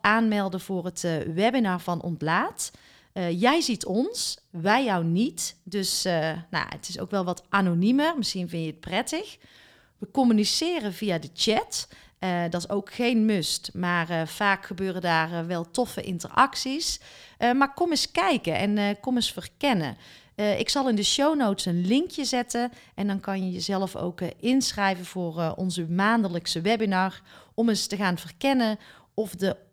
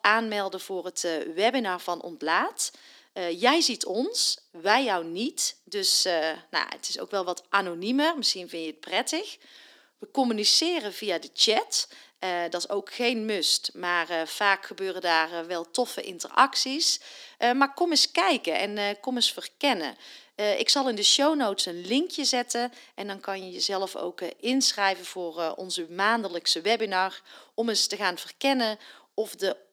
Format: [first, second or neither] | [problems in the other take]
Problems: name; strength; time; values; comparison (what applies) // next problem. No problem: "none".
first | thin; very slightly; fading below 250 Hz